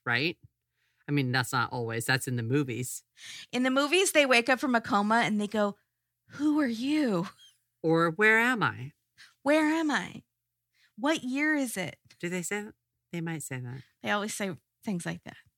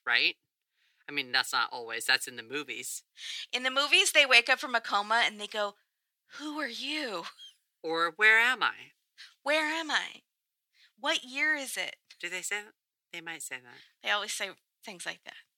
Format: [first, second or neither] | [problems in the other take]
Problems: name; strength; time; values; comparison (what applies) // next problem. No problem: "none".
first | thin; very; fading below 550 Hz